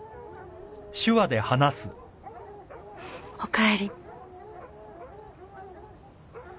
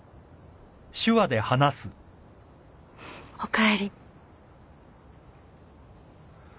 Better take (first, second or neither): second